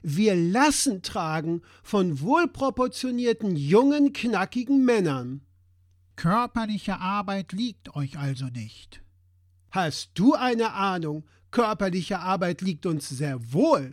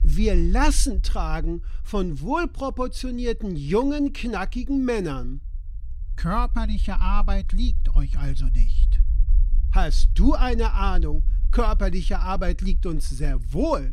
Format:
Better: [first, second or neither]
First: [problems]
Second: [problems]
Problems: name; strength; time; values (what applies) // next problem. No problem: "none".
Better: first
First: none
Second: low rumble; faint; throughout; 25 dB below the speech